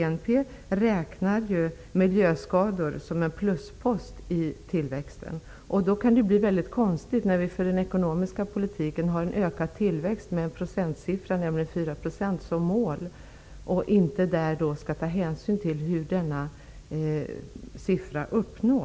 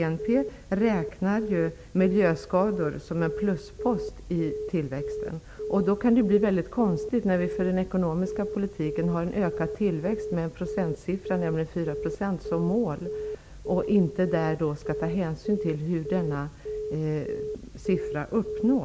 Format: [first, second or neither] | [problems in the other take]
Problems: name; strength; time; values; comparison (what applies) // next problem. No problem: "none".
first | background sound (Telephone); 9 dB below the speech